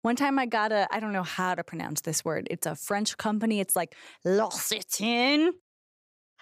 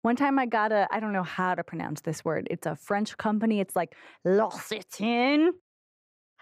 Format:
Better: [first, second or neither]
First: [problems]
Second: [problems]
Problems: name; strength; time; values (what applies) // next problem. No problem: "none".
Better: first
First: none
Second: muffled; slightly; fading above 3.5 kHz